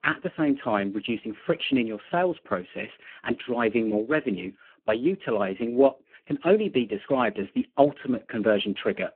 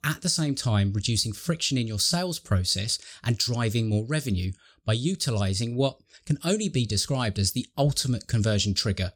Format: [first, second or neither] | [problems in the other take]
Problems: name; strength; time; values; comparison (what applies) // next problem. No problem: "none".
second | phone-call audio; poor line